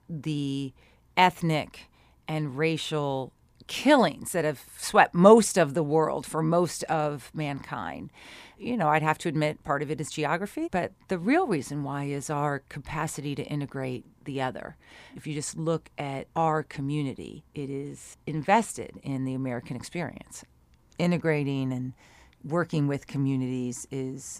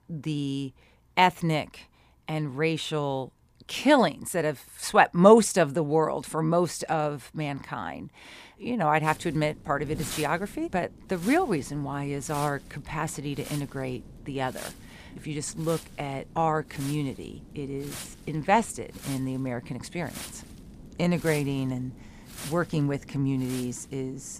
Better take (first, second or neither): first